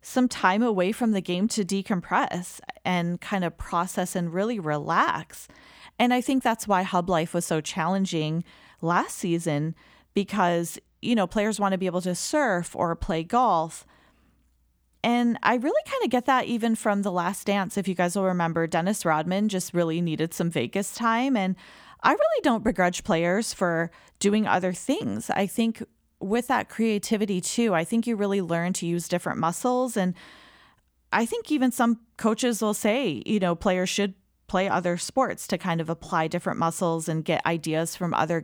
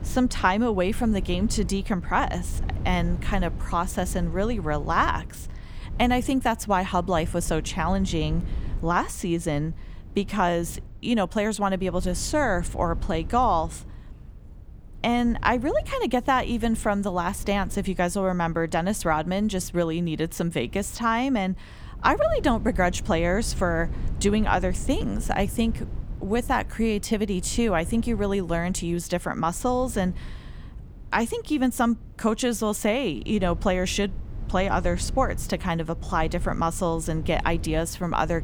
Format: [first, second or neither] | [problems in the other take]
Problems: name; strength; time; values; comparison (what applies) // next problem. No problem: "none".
first | low rumble; faint; throughout; 25 dB below the speech